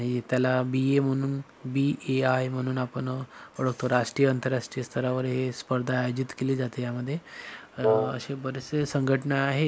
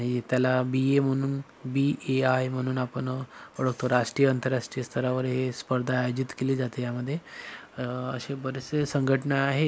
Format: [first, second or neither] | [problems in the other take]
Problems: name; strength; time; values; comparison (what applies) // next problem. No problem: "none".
second | background sound (Wind instrument, woodwind instrument); 1 dB above the speech